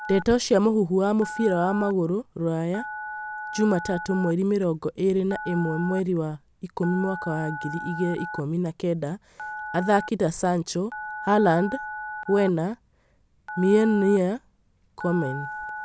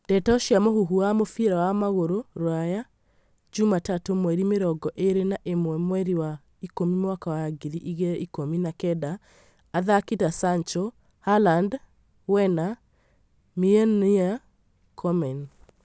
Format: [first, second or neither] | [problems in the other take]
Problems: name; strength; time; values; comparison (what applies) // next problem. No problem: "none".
second | background sound (Telephone); 12 dB below the speech